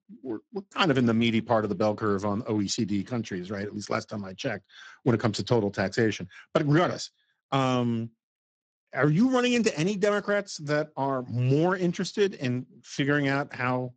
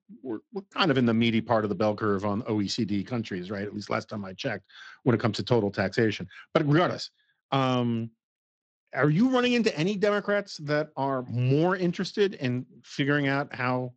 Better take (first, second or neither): second